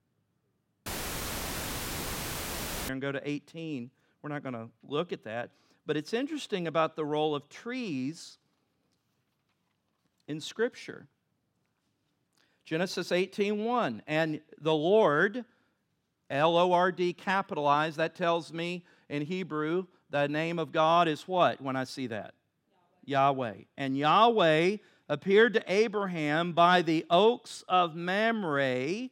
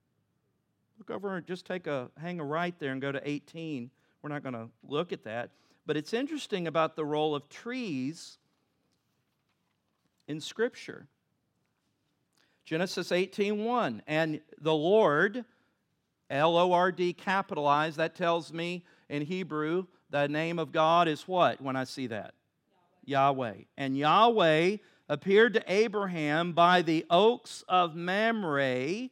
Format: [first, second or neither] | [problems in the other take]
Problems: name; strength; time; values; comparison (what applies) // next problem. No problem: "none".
second | audio cutting out; filled with static; at 1 s for 2 s